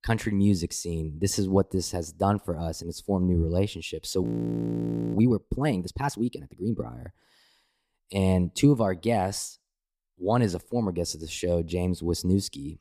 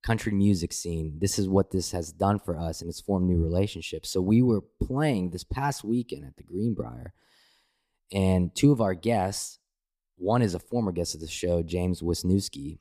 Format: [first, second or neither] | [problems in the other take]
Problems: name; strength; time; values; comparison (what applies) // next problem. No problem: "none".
second | audio freezing; at 4 s for 1 s